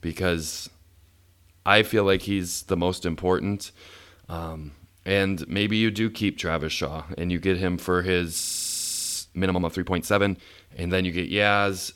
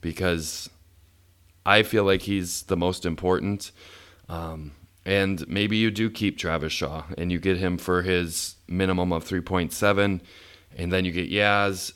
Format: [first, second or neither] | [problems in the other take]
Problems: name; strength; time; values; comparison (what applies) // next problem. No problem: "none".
second | audio freezing; at 8.5 s for 1 s